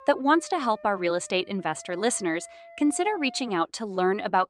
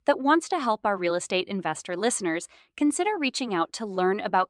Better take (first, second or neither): second